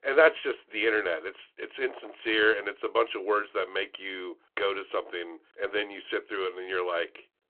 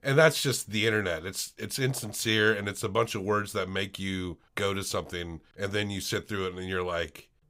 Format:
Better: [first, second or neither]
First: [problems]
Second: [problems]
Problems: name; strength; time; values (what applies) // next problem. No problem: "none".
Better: second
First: phone-call audio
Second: none